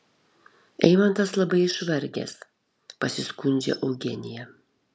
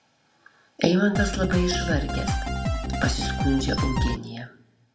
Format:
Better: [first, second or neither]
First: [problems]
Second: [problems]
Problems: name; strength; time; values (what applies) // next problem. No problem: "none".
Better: first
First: none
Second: background sound (Drum kit); 1 dB above the speech // room echo; dies away in 0.4 s